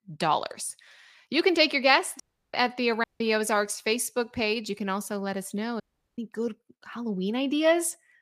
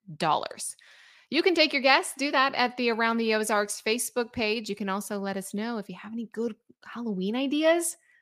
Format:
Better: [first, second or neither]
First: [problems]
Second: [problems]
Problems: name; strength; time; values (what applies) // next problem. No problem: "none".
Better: second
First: audio cutting out; at 2 s, at 3 s and at 6 s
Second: none